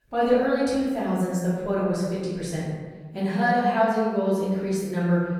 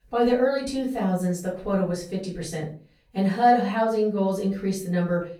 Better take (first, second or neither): second